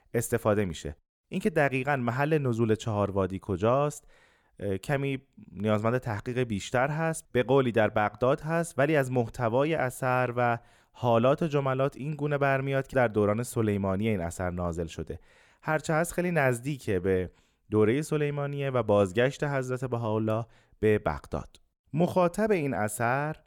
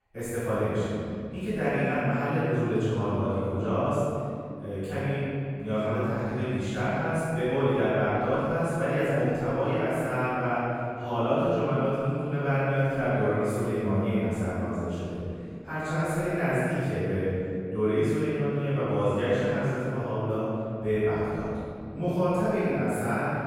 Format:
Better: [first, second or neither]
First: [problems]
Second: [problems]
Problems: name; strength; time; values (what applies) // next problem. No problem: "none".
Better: first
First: none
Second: off-mic speech; far // room echo; strong; dies away in 2.4 s